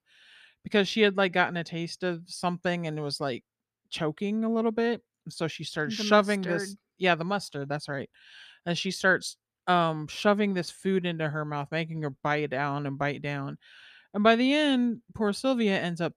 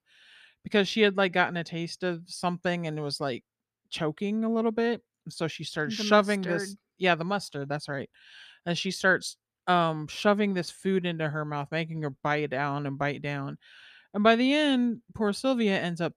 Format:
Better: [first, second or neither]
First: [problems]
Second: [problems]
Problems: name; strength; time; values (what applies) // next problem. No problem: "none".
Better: neither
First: none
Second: none